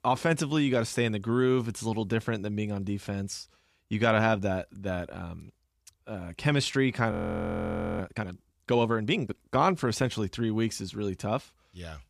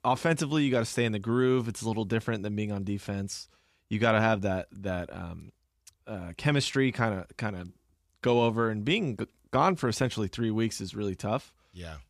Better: second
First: audio freezing; at 7 s for 1 s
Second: none

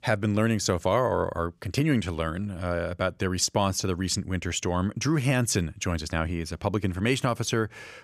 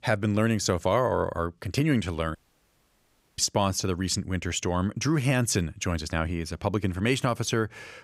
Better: first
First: none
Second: audio cutting out; at 2.5 s for 1 s

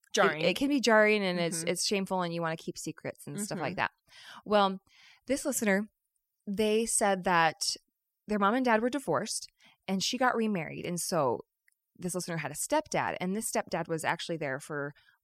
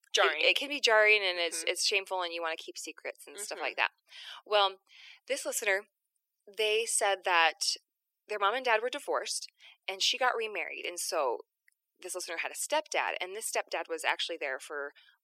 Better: first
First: none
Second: thin; very; fading below 350 Hz

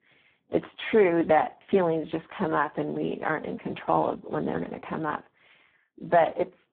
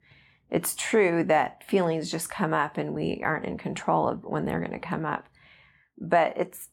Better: second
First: phone-call audio; poor line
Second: none

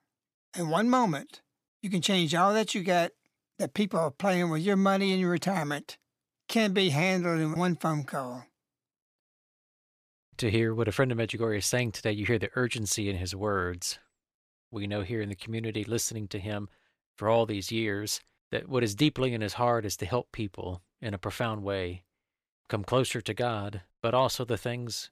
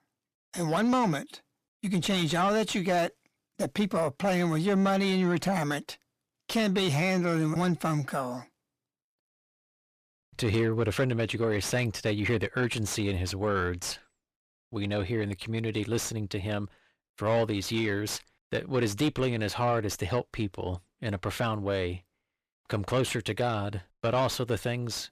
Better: first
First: none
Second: distortion; slight; 10 dB below the speech

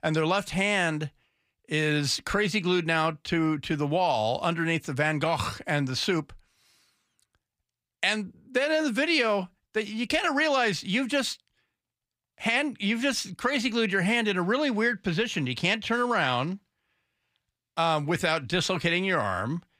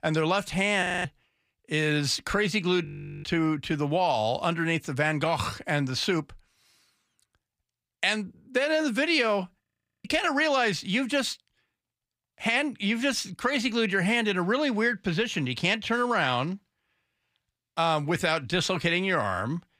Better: first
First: none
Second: audio freezing; at 1 s, at 3 s and at 9.5 s

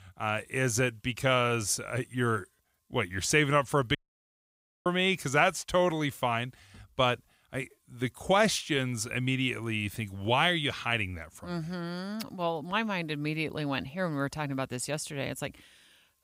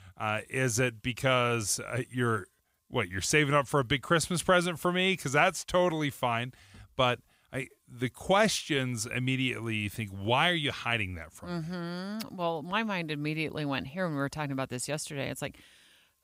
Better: second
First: audio cutting out; at 4 s for 1 s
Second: none

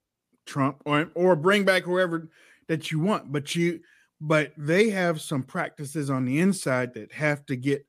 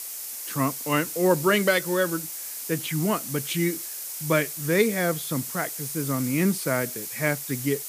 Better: first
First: none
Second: hiss; loud; throughout; 6 dB below the speech

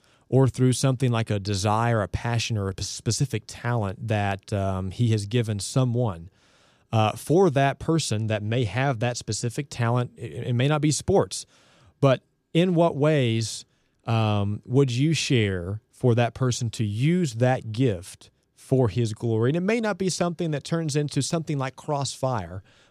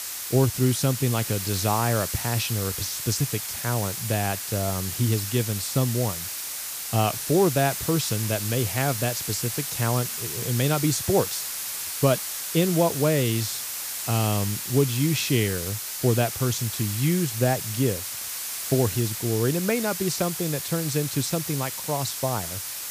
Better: first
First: none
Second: hiss; loud; throughout; 4 dB below the speech

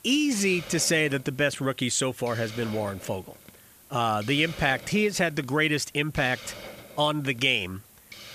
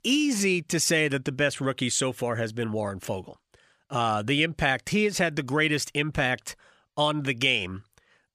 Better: second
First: hiss; noticeable; throughout; 20 dB below the speech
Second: none

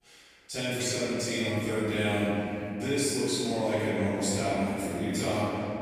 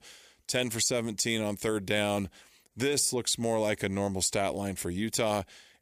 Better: second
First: off-mic speech; far // room echo; strong; dies away in 3 s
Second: none

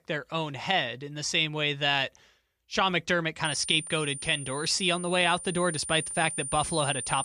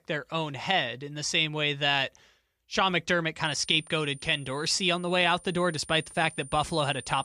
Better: second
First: high-pitched whine; loud; from 3.5 s on; 9 kHz, 8 dB below the speech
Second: high-pitched whine; faint; from 3.5 s on; 9 kHz, 20 dB below the speech

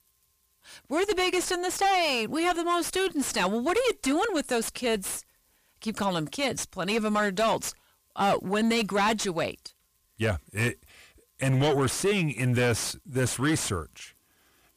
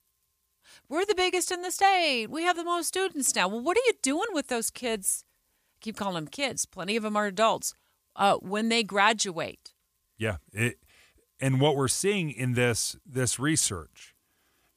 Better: second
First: distortion; heavy; 6 dB below the speech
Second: none

